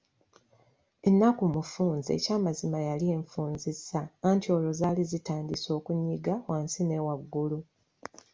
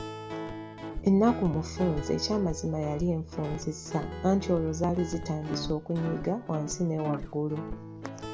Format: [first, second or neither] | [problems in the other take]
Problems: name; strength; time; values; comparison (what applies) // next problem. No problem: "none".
first | background sound (Guitar); 8 dB below the speech